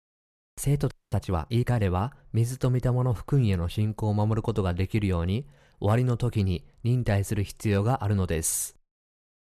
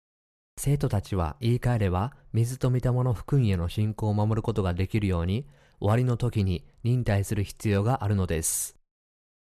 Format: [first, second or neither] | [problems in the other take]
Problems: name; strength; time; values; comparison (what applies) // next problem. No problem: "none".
second | audio freezing; at 1 s